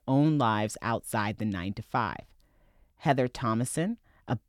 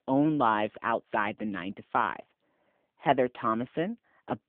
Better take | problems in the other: first | phone-call audio

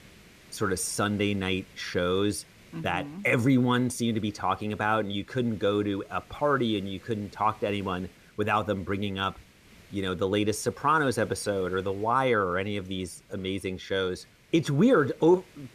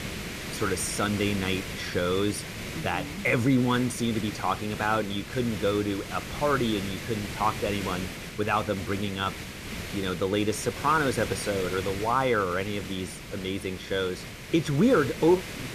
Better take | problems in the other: first | hiss; loud; throughout; 9 dB below the speech; faint in the first

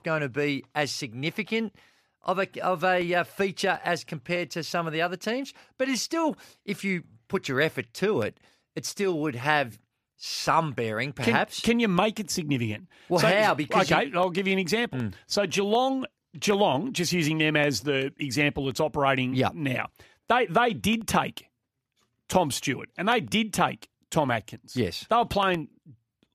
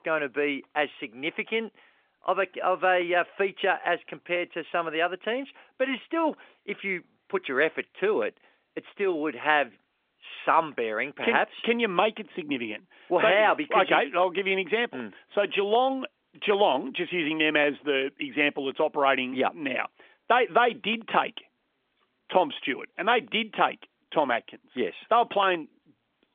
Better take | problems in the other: first | phone-call audio; nothing above 3.5 kHz

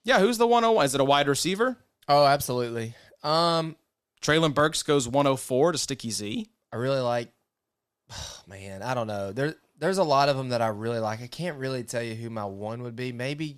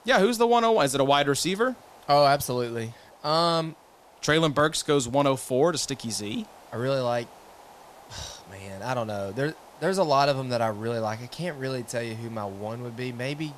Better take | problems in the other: first | hiss; faint; throughout; 25 dB below the speech

